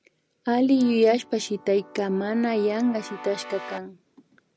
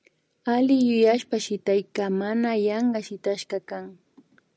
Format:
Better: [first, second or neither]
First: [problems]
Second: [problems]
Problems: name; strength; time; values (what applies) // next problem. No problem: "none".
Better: second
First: background sound (Keyboard (musical)); 18 dB below the speech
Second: none